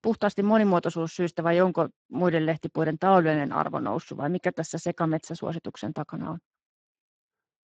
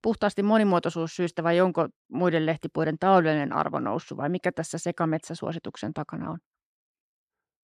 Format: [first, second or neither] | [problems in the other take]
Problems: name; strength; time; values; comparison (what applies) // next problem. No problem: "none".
second | garbled, watery; badly; nothing above 7.5 kHz